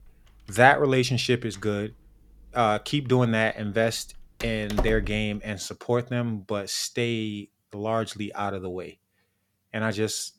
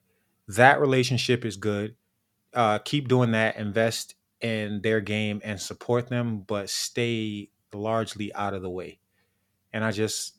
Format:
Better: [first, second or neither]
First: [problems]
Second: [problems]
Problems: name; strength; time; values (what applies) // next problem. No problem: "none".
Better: second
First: door banging; noticeable; from 0.5 to 5 s; peak 5 dB below the speech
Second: none